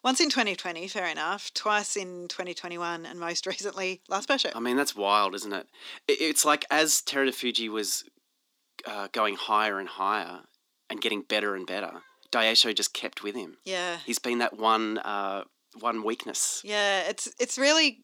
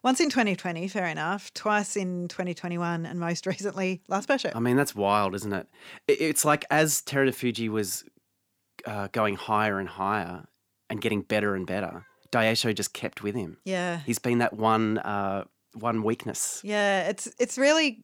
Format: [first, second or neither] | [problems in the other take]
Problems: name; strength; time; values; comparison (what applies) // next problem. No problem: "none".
second | thin; very slightly; fading below 250 Hz